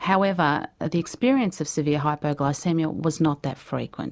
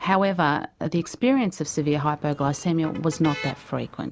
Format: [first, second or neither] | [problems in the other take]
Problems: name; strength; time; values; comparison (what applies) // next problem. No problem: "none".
first | background sound (Motor vehicle (road)); 17 dB below the speech